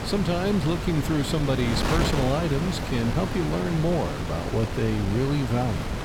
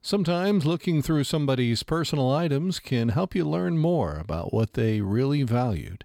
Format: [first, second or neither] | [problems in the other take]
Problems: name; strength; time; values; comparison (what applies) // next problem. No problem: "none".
second | wind noise on the microphone; heavy; 2 dB below the speech